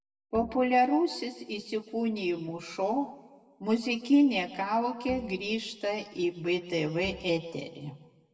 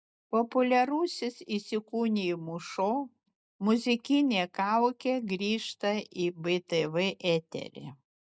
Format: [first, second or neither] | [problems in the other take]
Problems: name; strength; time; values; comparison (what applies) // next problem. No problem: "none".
second | background sound (Bowed string instrument); 19 dB below the speech // room echo; dies away in 0.9 s